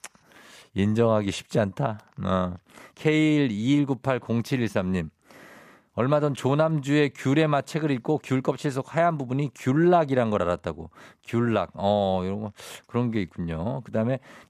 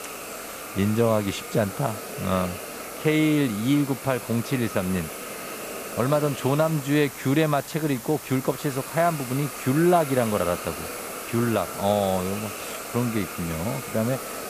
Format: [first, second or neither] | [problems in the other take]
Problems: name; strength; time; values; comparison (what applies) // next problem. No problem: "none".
first | hiss; loud; throughout; 9 dB below the speech